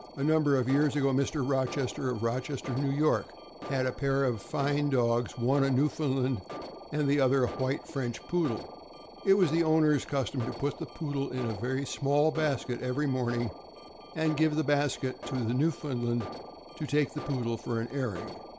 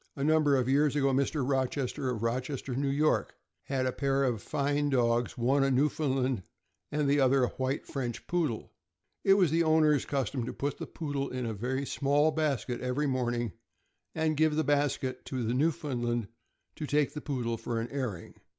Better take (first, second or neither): second